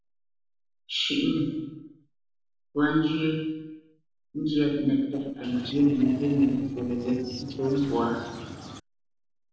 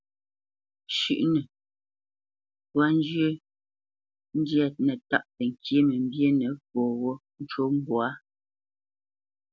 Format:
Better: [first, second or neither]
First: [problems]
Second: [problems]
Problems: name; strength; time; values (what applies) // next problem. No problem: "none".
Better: second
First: noise reduction (neural separator model SepFormer DNS4)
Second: none